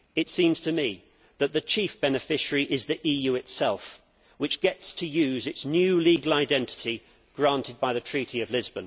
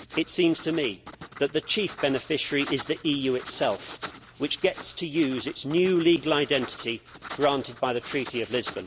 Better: first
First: none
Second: background sound (Writing); 16 dB below the speech

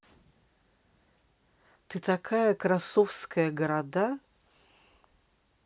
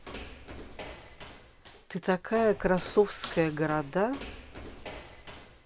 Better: first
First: none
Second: background sound (Walk, footsteps); 13 dB below the speech

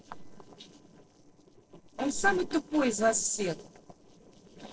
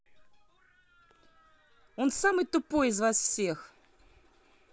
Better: second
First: noise reduction (neural separator model SepFormer DNS4)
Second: none

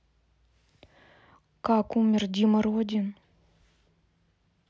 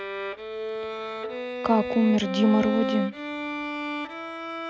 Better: first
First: none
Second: background sound (Bowed string instrument); 4 dB below the speech

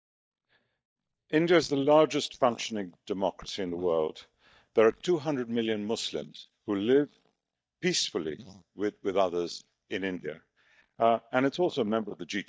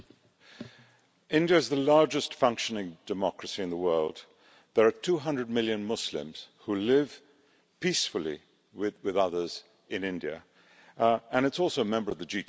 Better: second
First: noise reduction (neural mask model DeepFilterNet 3)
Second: none

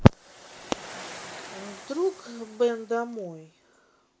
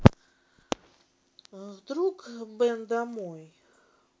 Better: second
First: background sound (Waves, surf); 17 dB below the speech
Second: none

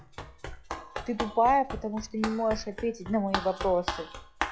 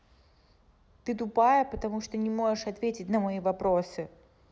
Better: second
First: noise reduction (classical method log-MMSE)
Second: none

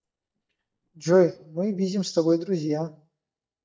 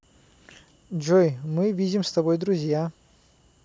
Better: second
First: noise reduction (neural mask model DeepFilterNet 3)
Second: none

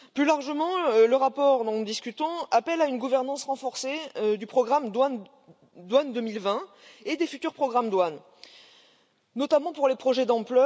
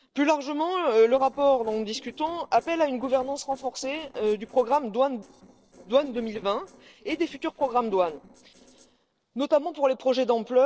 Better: first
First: none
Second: noise reduction (neural separator model SepFormer DNS4)

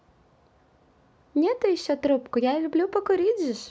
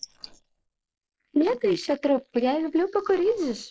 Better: first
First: none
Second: noise reduction (neural mask model Resemble Enhance denoiser)

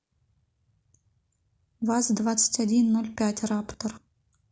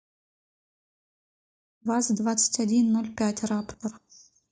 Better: first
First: none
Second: noise reduction (neural mask model DeepFilterNet 3)

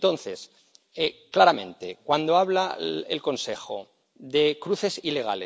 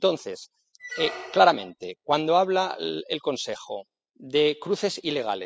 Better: first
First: none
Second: noise reduction (classical method spectral subtraction)

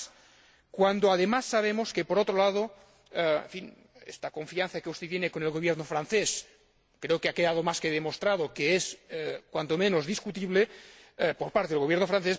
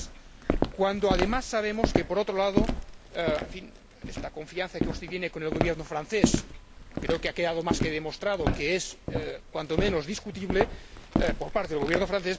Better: first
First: none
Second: background sound (Walk, footsteps); 1 dB below the speech

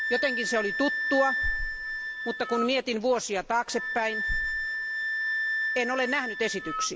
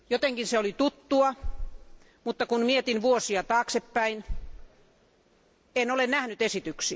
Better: second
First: background sound (Wind instrument, woodwind instrument); 2 dB below the speech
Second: none

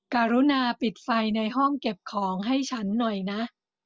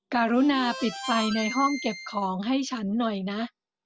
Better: first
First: none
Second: background sound (Harmonica); 10 dB below the speech

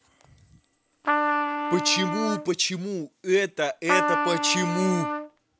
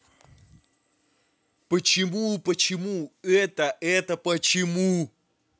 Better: second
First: background sound (Trumpet); as loud as the speech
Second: none

